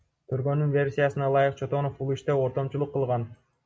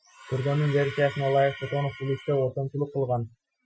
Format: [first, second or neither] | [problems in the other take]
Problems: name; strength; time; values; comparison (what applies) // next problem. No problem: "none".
first | noise reduction (classical method Wiener filter)